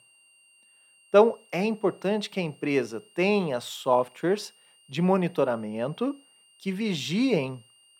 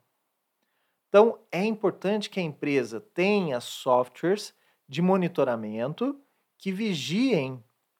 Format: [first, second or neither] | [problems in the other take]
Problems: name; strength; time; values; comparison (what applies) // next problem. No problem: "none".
second | high-pitched whine; faint; throughout; 3 kHz, 30 dB below the speech